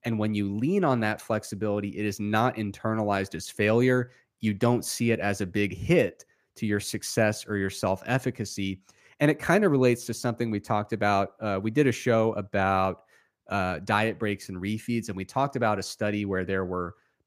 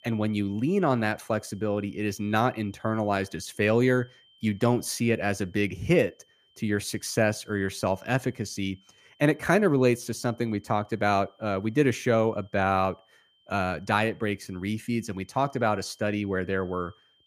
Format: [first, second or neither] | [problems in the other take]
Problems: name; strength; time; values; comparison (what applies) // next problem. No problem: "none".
first | high-pitched whine; faint; throughout; 3 kHz, 35 dB below the speech